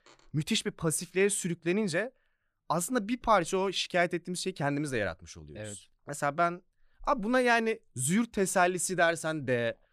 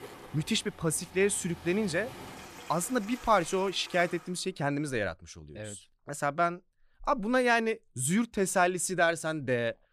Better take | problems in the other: first | rain or running water; noticeable; until 4 s; 20 dB below the speech

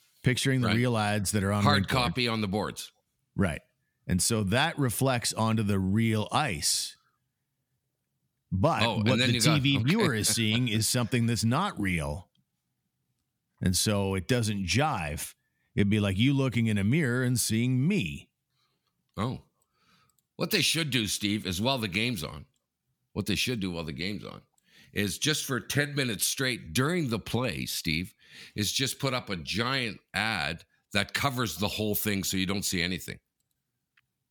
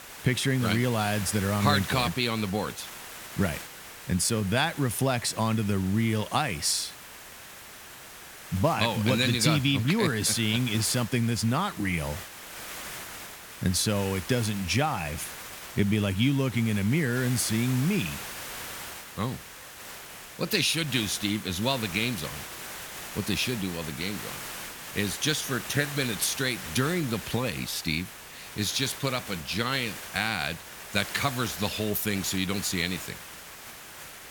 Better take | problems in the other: first | hiss; noticeable; throughout; 10 dB below the speech

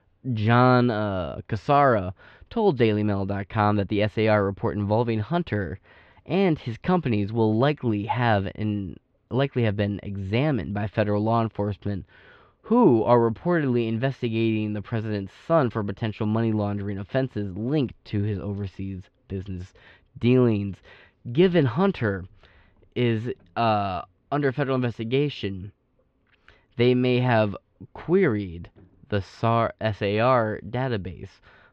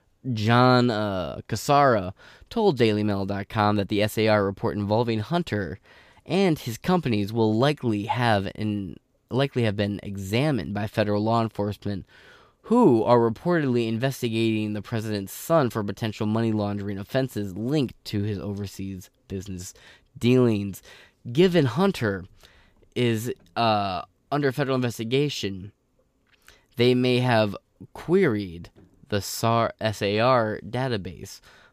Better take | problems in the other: second | muffled; slightly; fading above 3 kHz

